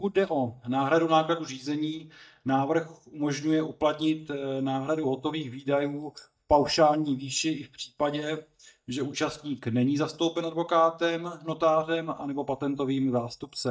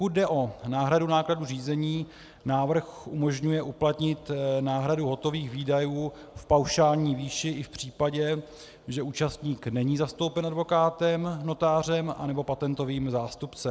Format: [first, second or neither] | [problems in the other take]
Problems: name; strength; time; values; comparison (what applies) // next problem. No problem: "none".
second | noise reduction (neural mask model DeepFilterNet 3)